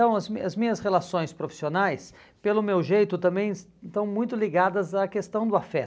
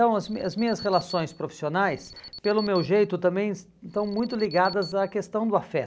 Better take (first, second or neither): first